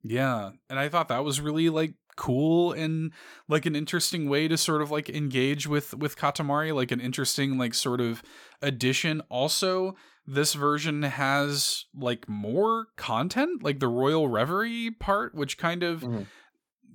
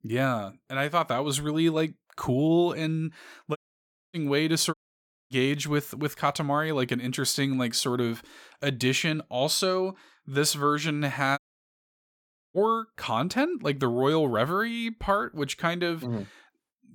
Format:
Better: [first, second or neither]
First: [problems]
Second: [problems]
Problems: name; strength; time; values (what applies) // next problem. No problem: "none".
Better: first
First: none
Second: audio cutting out; at 3.5 s for 0.5 s, at 4.5 s for 0.5 s and at 11 s for 1 s